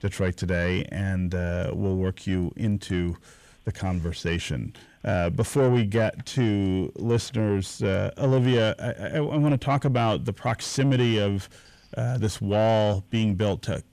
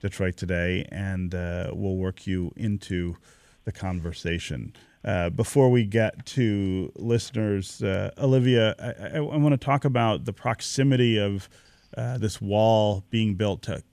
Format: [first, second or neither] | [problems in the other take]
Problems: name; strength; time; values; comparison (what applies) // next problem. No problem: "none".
second | distortion; slight; 10 dB below the speech